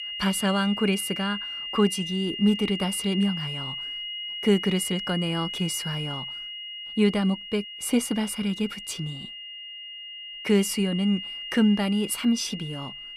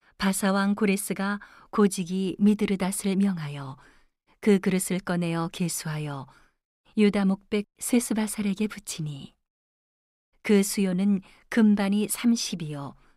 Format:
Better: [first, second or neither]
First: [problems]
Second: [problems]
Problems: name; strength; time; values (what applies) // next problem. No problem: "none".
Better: second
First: high-pitched whine; loud; throughout; 3 kHz, 7 dB below the speech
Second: none